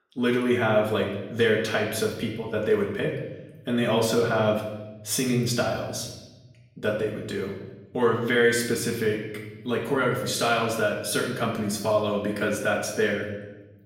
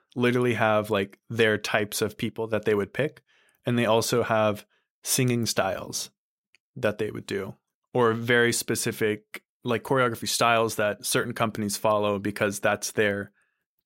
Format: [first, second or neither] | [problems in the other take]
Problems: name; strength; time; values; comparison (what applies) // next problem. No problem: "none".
second | off-mic speech; far // room echo; noticeable; dies away in 1.1 s